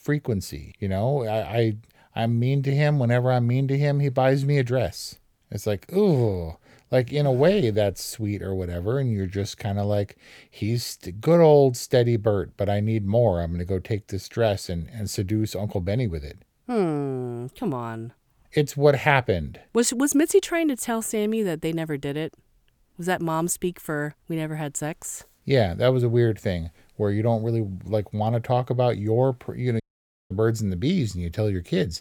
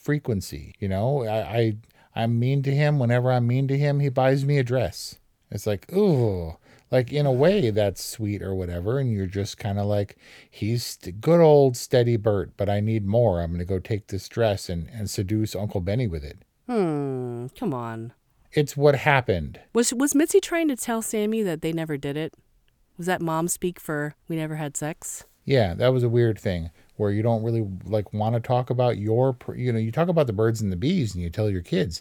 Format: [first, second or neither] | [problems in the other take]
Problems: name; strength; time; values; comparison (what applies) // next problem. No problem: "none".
second | audio cutting out; at 30 s for 0.5 s